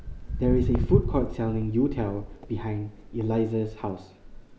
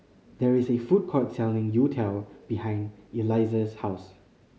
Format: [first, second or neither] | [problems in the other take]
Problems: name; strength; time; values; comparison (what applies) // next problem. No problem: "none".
second | background sound (Walk, footsteps); 3 dB below the speech